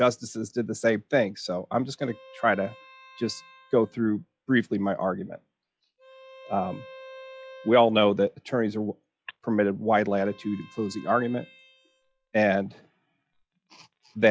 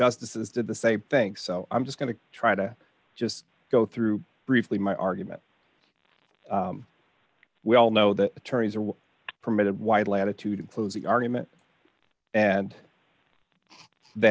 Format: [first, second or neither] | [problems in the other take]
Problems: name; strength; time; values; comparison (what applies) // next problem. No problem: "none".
second | noise reduction (classical method log-MMSE)